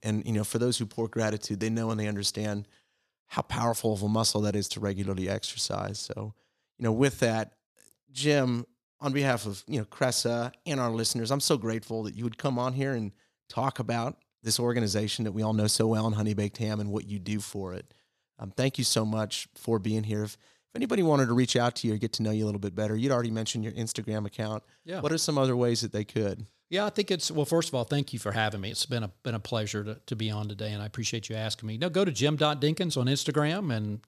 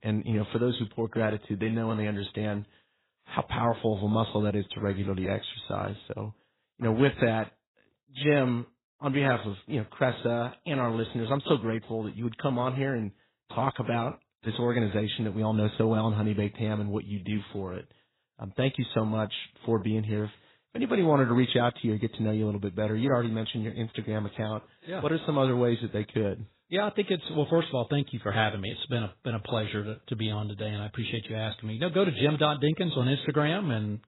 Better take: first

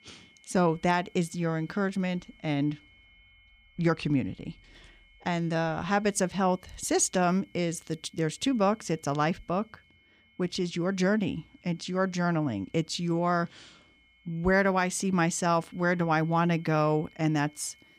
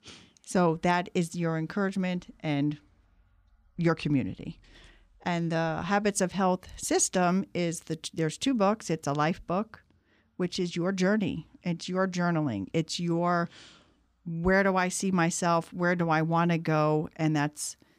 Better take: second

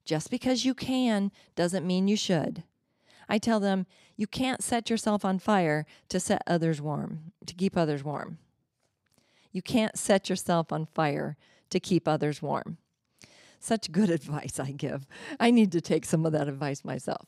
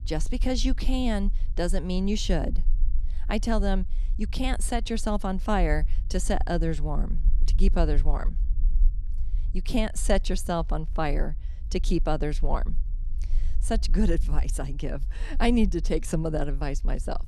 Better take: first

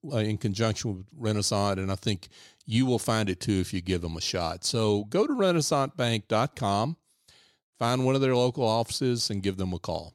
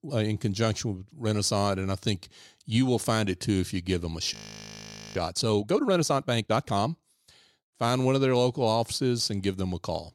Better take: first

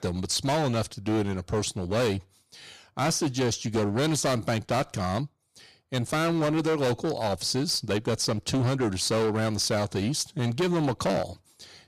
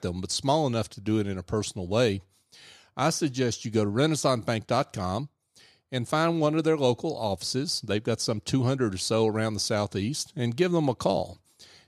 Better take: second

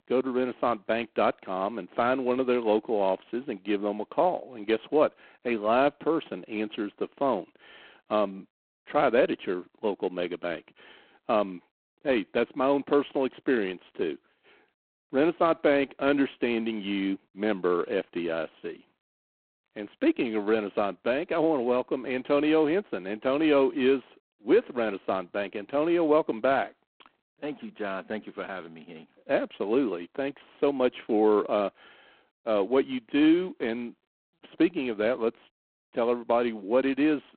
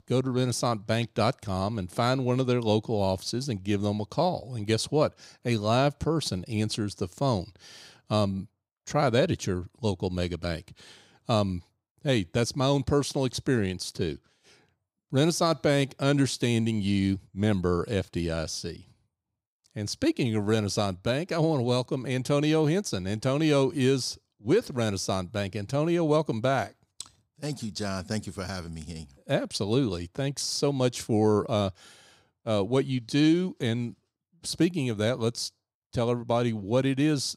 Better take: second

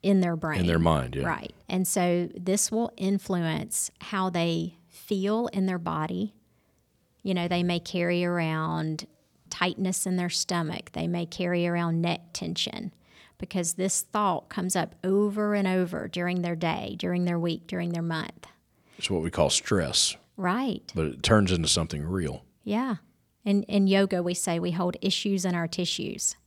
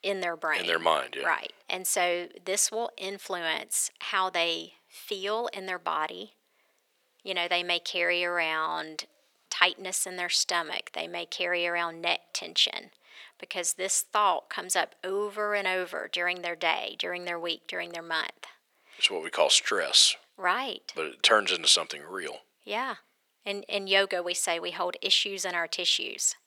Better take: first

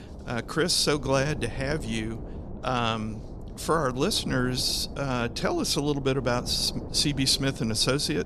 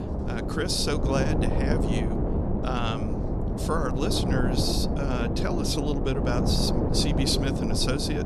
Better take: first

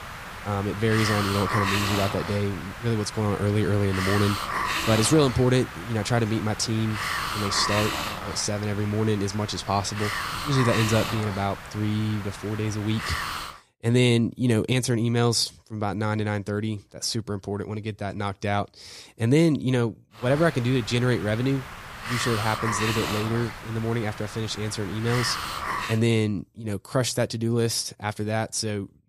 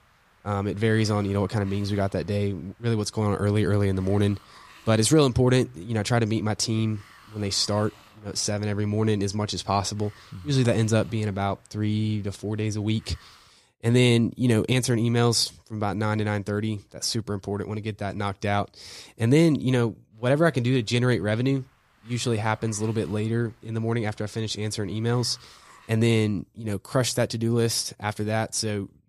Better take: second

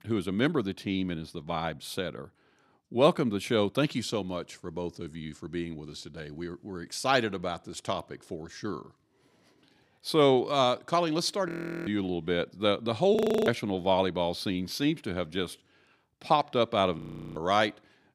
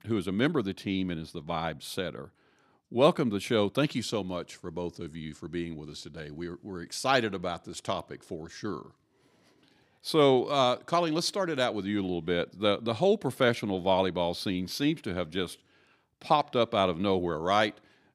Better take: second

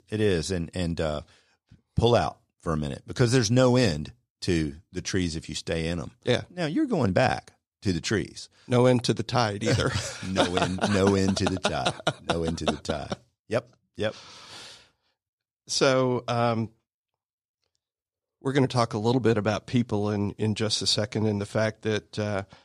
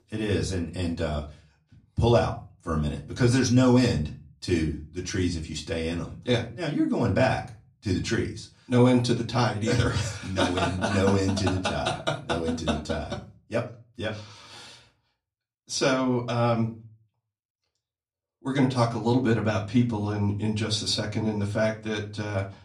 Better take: first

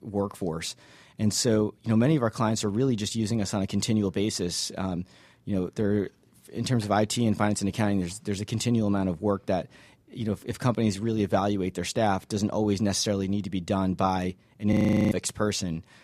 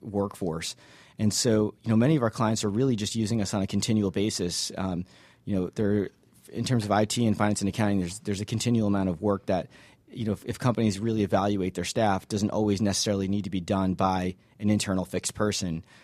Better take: second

